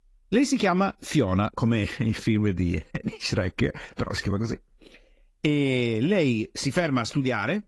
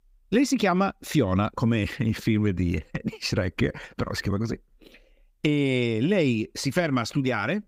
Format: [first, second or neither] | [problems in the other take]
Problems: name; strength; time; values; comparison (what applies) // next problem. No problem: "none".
second | garbled, watery; slightly; nothing above 11.5 kHz